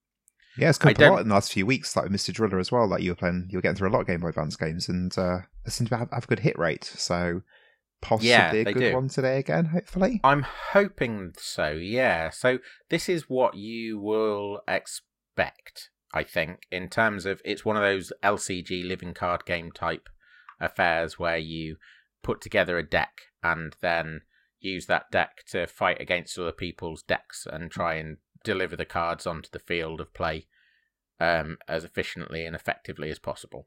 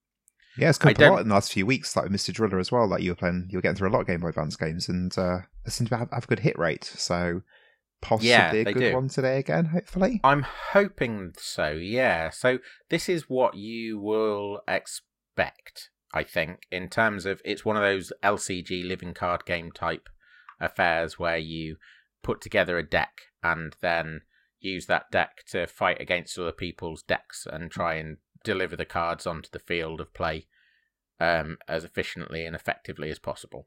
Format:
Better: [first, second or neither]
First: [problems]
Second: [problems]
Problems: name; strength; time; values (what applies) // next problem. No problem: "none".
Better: neither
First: none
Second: none